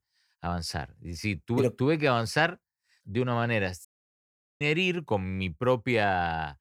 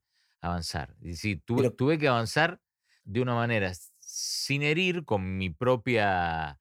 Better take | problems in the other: second | audio cutting out; at 4 s for 1 s

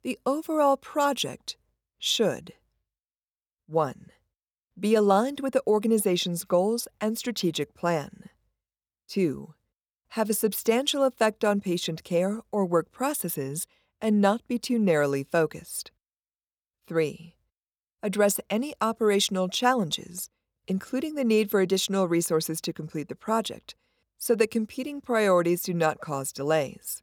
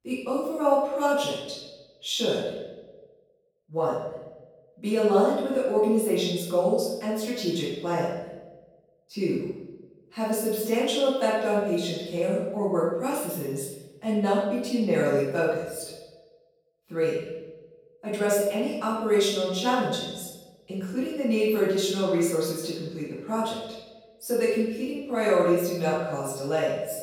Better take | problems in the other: first | off-mic speech; far // room echo; strong; dies away in 0.9 s

